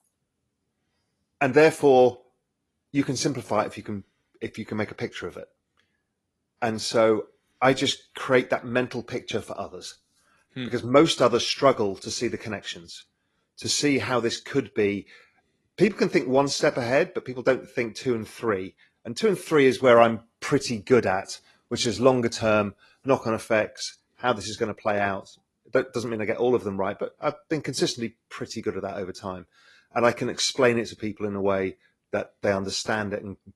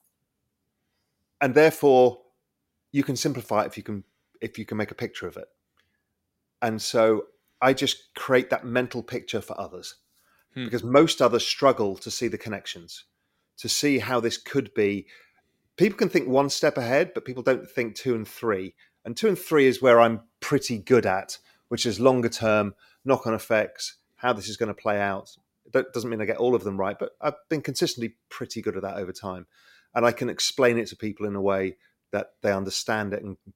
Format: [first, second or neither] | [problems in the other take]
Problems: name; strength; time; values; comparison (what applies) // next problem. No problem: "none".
second | garbled, watery; slightly; nothing above 11.5 kHz